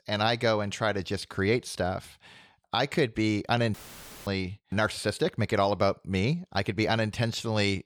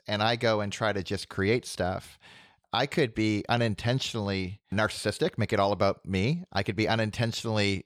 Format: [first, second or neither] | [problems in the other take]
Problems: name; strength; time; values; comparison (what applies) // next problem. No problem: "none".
second | audio cutting out; filled with static; at 3.5 s for 0.5 s